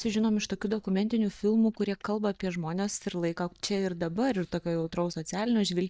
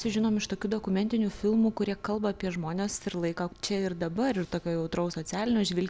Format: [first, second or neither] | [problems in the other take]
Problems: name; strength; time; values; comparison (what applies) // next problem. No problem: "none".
second | noise reduction (neural mask model DeepFilterNet 3)